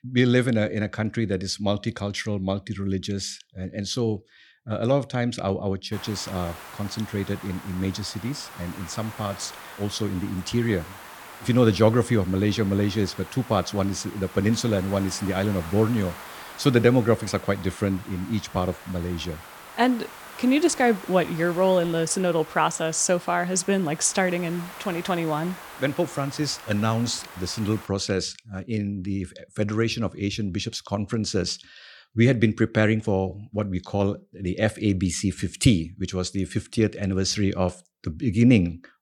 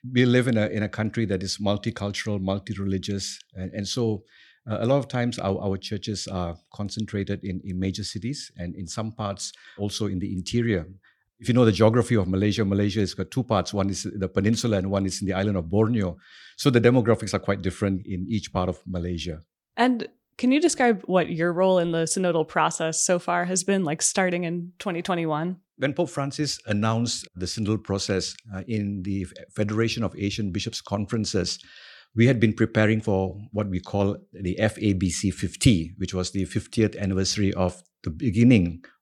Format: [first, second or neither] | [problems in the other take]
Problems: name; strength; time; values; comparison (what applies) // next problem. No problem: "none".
second | hiss; noticeable; from 6 to 28 s; 15 dB below the speech